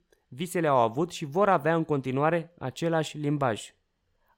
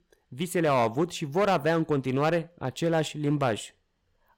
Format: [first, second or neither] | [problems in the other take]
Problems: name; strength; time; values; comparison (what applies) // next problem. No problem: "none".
first | distortion; slight; 5% of the sound clipped